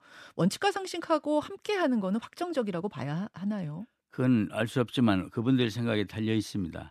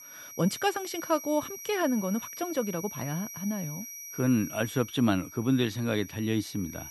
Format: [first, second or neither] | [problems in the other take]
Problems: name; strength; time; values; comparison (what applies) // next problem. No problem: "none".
first | high-pitched whine; noticeable; throughout; 6 kHz, 10 dB below the speech